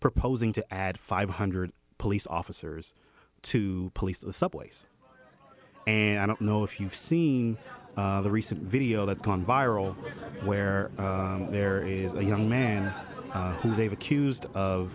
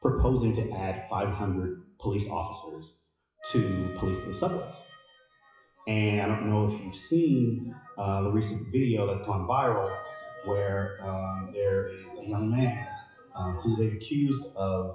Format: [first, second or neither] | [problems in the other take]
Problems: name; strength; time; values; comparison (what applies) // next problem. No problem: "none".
first | noise reduction (classical method WPE with log-MMSE)